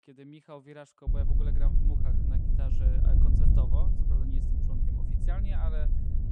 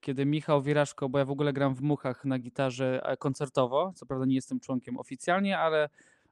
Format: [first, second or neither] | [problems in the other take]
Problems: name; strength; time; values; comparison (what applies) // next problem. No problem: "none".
second | wind noise on the microphone; heavy; from 1 s on; 2 dB above the speech